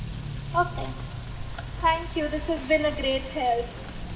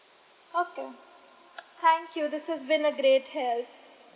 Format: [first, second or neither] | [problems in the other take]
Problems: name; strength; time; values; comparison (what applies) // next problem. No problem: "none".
second | background sound (Motor vehicle (road) / Rain); 6 dB below the speech // room echo; dies away in 2.4 s